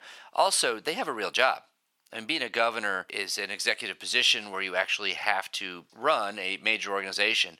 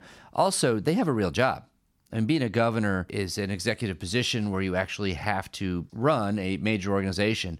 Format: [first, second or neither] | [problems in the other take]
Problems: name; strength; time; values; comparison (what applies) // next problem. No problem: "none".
second | thin; very; fading below 700 Hz